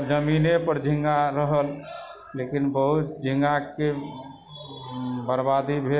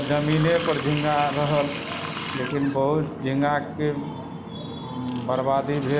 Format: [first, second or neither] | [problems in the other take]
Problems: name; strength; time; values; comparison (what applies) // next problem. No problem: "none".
first | background sound (Water tap, faucet); 8 dB below the speech